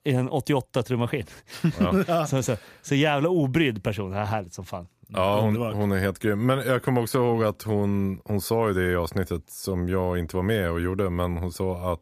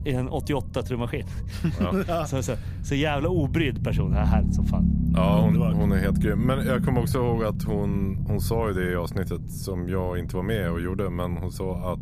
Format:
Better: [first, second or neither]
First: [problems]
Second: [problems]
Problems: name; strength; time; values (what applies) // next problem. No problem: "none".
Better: first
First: none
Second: low rumble; loud; throughout; 7 dB below the speech